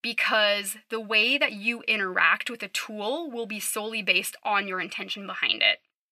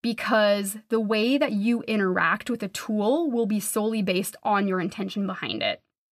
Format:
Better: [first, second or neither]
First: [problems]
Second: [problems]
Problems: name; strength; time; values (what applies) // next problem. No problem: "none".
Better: second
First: thin; somewhat; fading below 850 Hz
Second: none